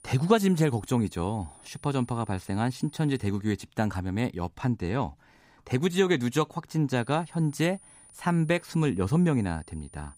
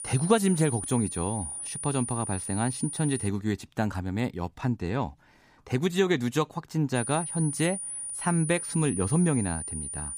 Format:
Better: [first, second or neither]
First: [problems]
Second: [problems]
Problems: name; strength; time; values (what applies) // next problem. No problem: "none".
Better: first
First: high-pitched whine; faint; until 3.5 s and from 7 s on; 9.5 kHz, 25 dB below the speech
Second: high-pitched whine; loud; until 3.5 s and from 7 s on; 9.5 kHz, 5 dB below the speech